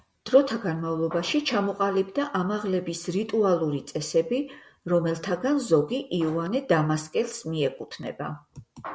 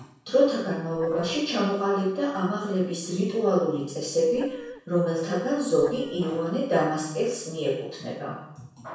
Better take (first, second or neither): first